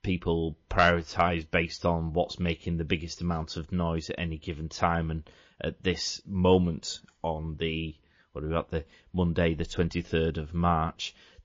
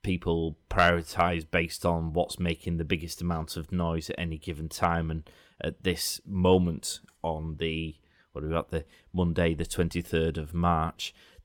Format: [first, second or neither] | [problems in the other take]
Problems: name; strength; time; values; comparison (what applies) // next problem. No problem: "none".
second | garbled, watery; slightly